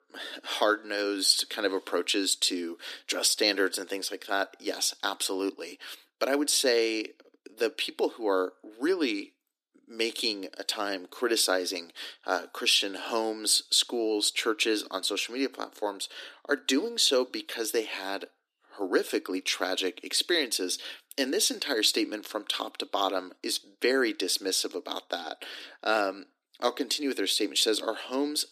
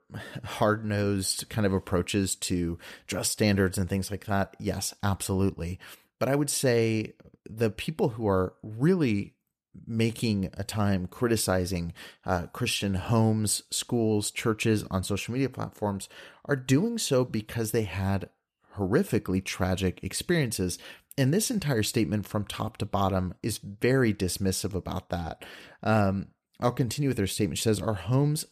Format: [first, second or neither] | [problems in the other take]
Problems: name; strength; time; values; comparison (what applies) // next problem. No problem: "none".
second | thin; somewhat; fading below 300 Hz